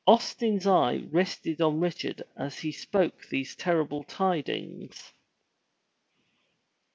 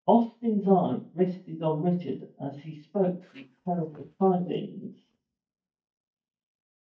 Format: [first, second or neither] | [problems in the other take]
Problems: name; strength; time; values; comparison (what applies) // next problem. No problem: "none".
first | noise reduction (neural mask model DeepFilterNet 3)